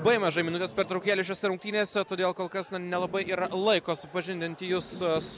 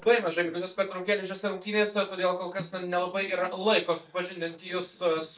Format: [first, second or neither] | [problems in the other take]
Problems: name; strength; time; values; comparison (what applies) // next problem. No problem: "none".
first | noise reduction (neural mask model DeepFilterNet 3)